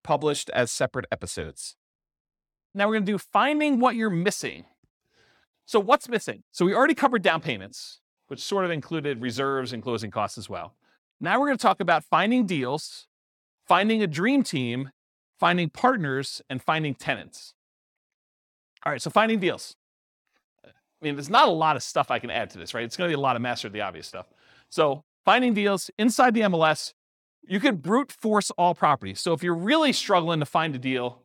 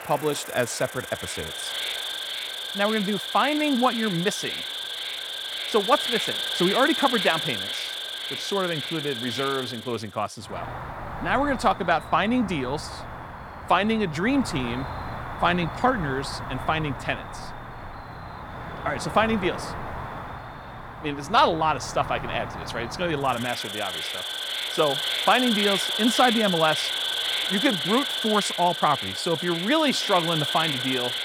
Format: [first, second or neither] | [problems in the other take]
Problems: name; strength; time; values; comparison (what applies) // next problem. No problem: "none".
first | animal sounds; loud; throughout; 4 dB below the speech